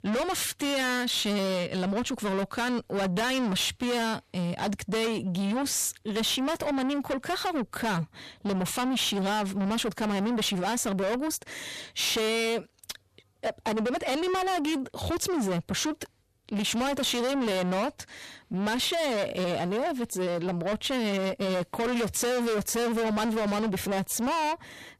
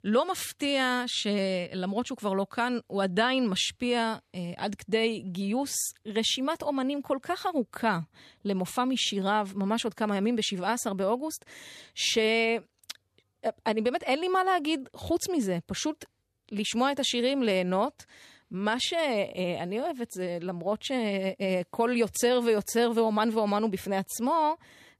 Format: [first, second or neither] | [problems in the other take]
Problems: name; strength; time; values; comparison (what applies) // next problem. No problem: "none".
second | distortion; heavy; 6 dB below the speech